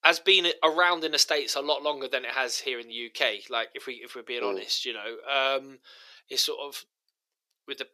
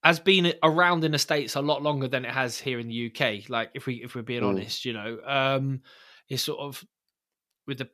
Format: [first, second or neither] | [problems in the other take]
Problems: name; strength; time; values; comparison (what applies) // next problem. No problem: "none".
second | thin; very; fading below 400 Hz